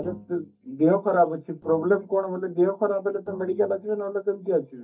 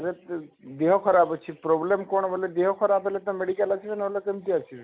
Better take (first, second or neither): second